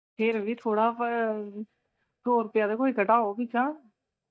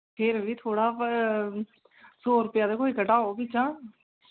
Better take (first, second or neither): second